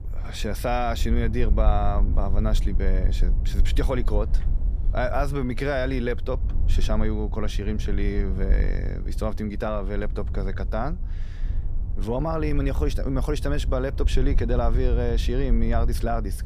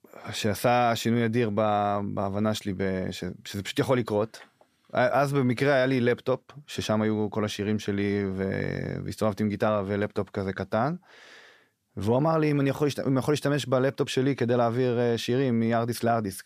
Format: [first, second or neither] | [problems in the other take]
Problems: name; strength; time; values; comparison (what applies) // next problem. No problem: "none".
second | wind noise on the microphone; occasional gusts; 15 dB below the speech